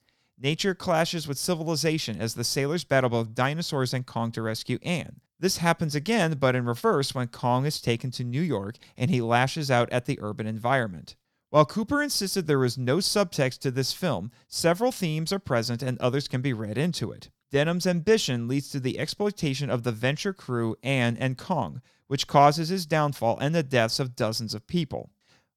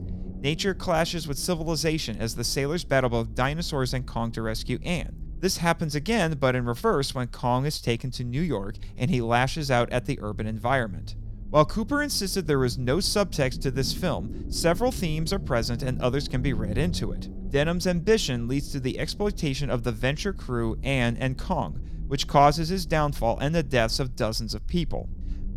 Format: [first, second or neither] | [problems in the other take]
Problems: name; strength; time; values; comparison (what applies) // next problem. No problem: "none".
first | low rumble; faint; throughout; 25 dB below the speech